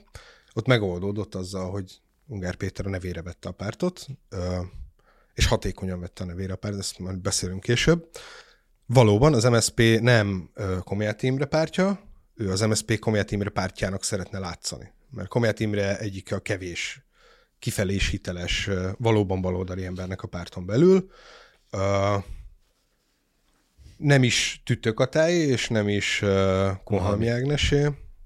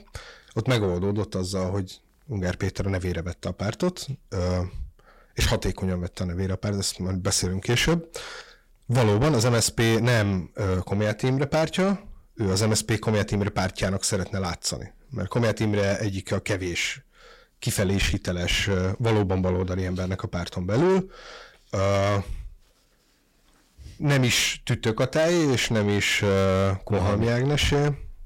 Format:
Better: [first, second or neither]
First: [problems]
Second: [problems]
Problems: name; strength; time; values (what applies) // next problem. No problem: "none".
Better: first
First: none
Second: distortion; heavy; 8 dB below the speech